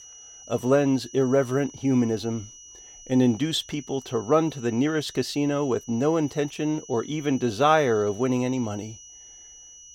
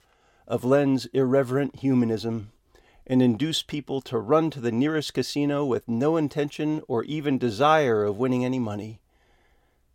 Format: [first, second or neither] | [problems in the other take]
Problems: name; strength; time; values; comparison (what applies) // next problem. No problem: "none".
second | high-pitched whine; noticeable; throughout; 6 kHz, 20 dB below the speech